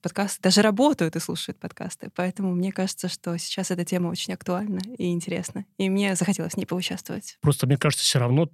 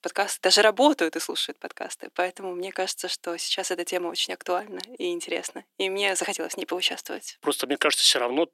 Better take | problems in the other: first | thin; very; fading below 300 Hz

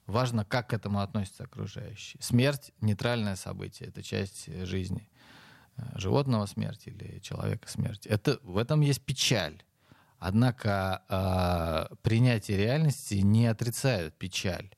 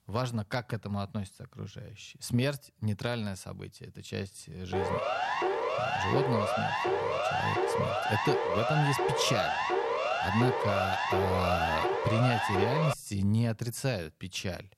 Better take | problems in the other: first | siren; loud; from 4.5 to 13 s; peak 4 dB above the speech

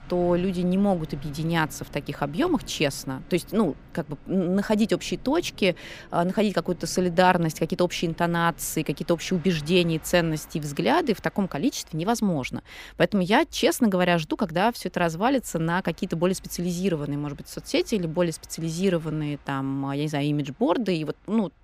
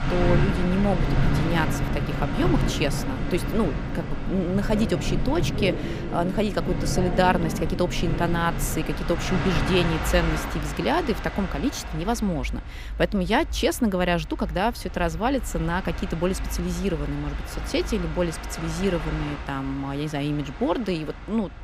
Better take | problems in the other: first | train or aircraft noise; loud; throughout; 3 dB below the speech; faint in the first

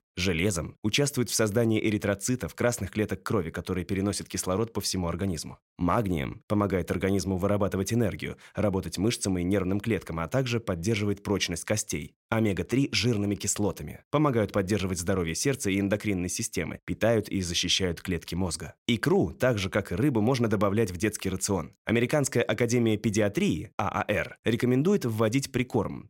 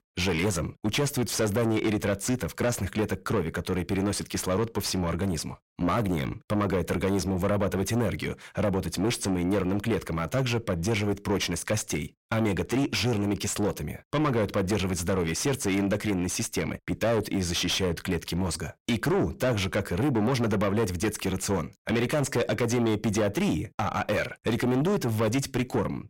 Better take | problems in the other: first | distortion; heavy; 7 dB below the speech

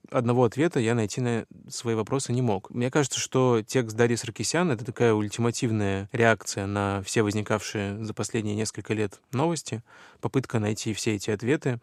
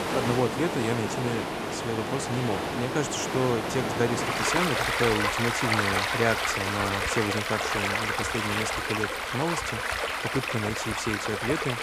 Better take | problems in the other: first | rain or running water; very loud; throughout; 2 dB above the speech

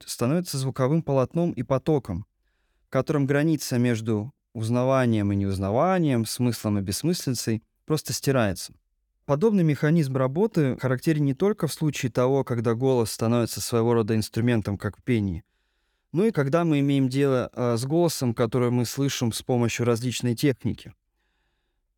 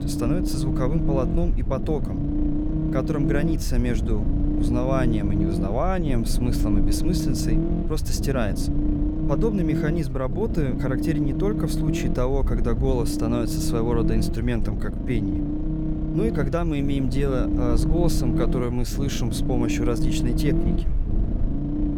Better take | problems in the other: first | low rumble; loud; throughout; 3 dB below the speech

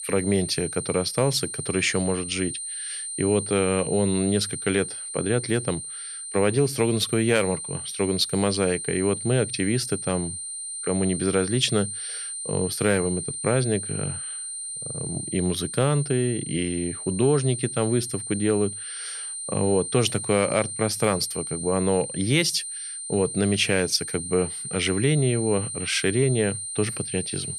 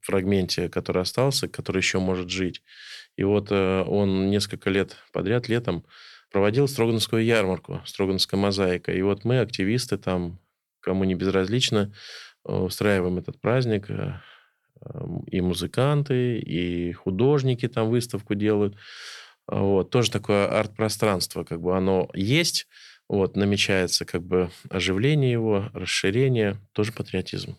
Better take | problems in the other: second | high-pitched whine; loud; throughout; 9 kHz, 6 dB below the speech

